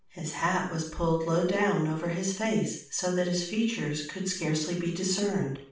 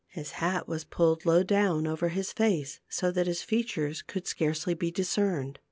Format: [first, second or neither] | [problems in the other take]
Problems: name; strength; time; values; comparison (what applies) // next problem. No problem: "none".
second | room echo; dies away in 0.5 s